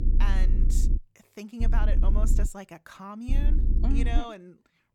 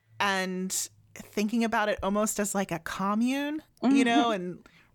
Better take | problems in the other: second | low rumble; loud; at the start, at 1.5 s and at 3.5 s; 6 dB below the speech

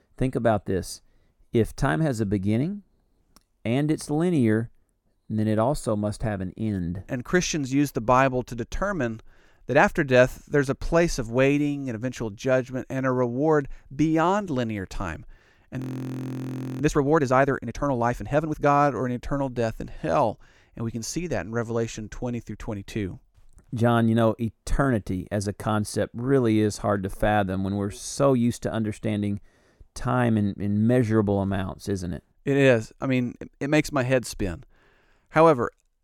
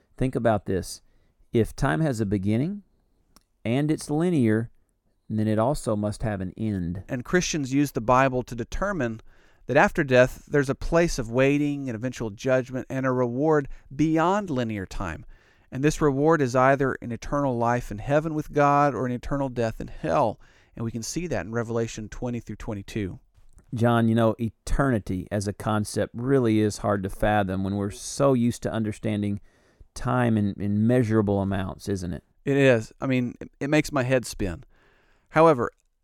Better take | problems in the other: second | audio freezing; at 16 s for 1 s

